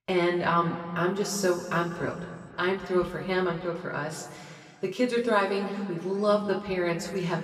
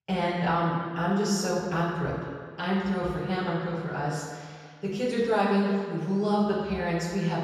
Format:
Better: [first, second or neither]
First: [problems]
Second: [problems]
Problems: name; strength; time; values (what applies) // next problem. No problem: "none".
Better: first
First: room echo; slight; dies away in 2.1 s // off-mic speech; somewhat distant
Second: room echo; strong; dies away in 1.7 s // off-mic speech; far